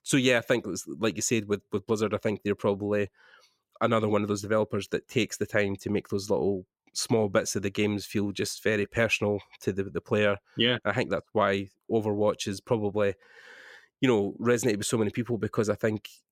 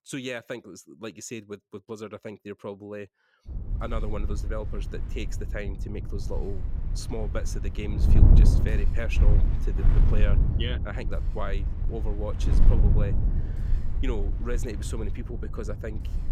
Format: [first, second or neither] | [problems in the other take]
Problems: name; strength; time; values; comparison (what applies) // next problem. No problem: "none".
first | wind noise on the microphone; heavy; from 3.5 s on; 4 dB below the speech